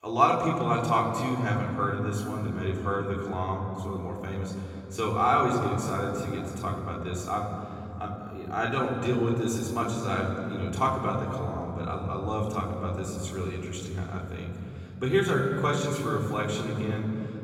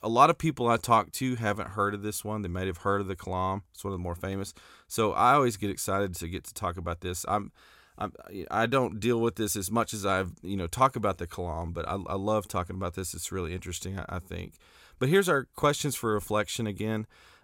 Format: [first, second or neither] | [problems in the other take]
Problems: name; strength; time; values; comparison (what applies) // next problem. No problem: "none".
second | room echo; noticeable; dies away in 3 s // off-mic speech; far